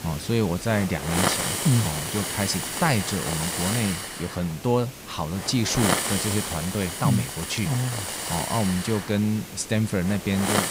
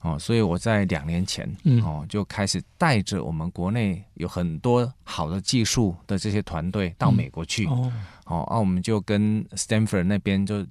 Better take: second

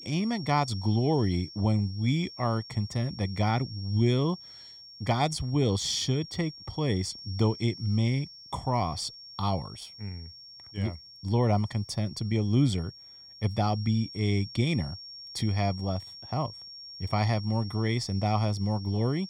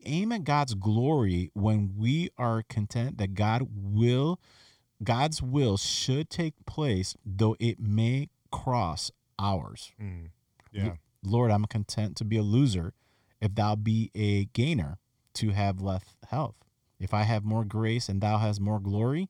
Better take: second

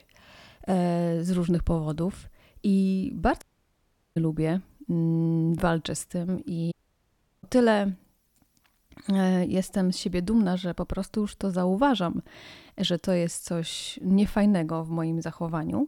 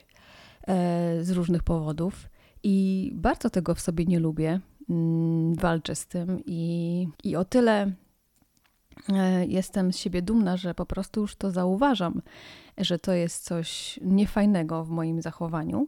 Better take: second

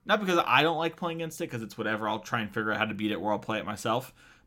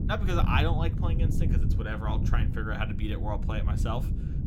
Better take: first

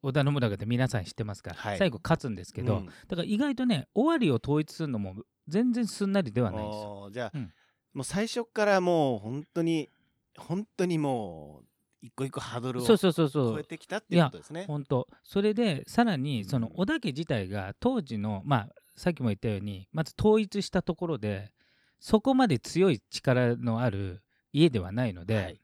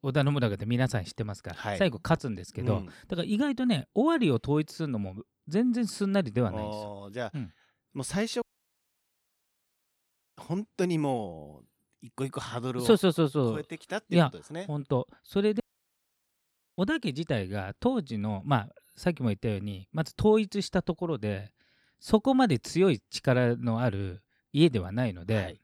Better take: first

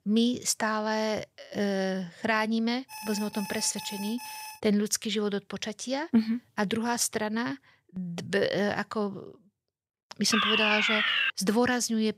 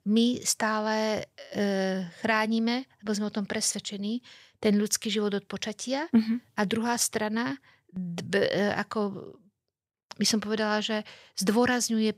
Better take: second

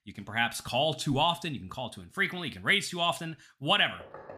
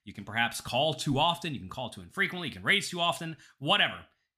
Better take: second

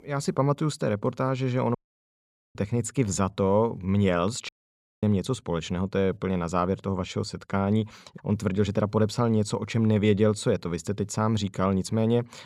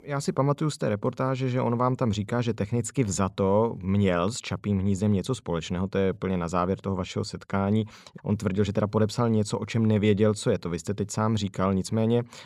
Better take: second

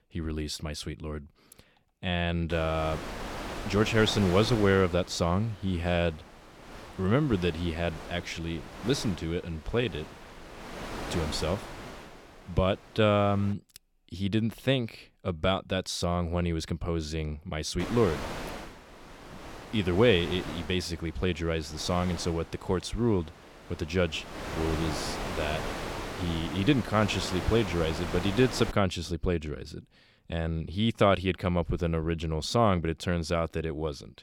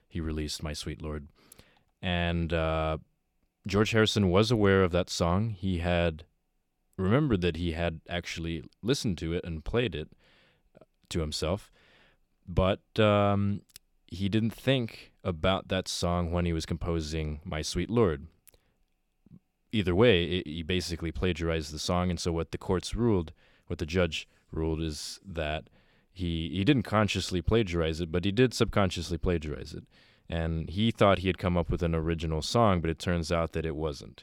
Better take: second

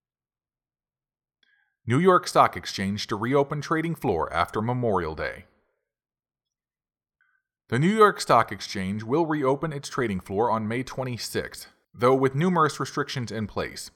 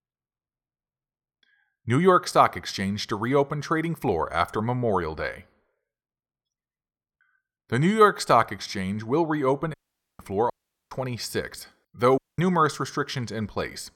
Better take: first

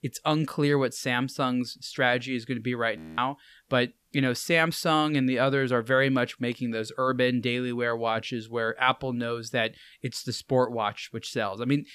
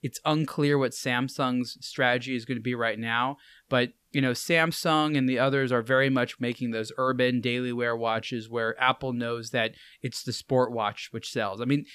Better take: second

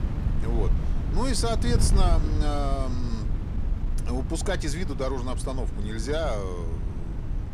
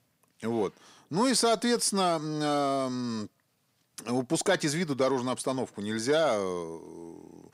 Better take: second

